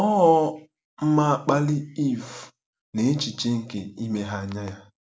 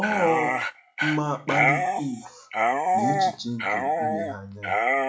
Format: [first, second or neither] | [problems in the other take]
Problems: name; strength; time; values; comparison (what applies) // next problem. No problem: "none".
first | noise reduction (classical method log-MMSE)